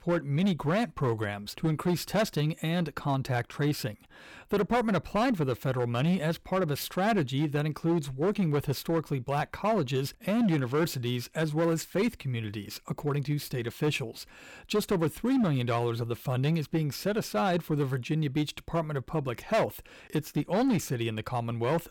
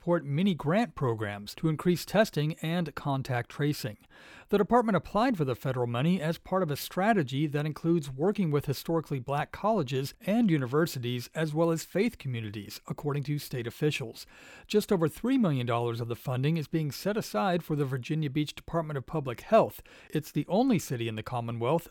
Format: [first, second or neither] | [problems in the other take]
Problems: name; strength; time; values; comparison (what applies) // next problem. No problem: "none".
second | distortion; slight; 8% of the sound clipped